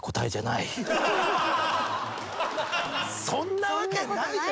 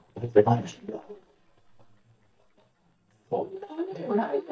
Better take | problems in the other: first | noise reduction (neural mask model DeepFilterNet 3)

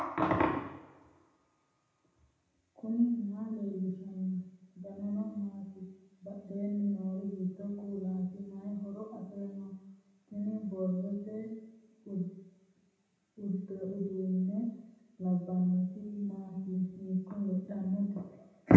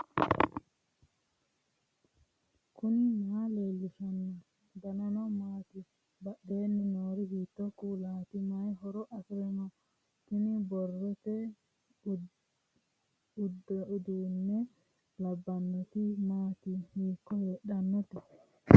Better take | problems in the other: second | room echo; dies away in 0.8 s

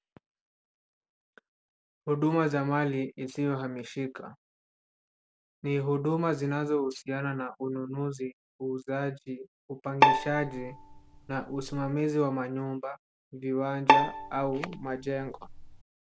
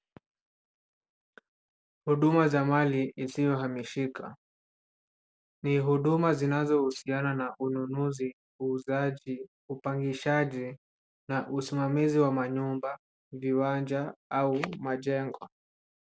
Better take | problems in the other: second | background sound (Bowed string instrument); 3 dB above the speech

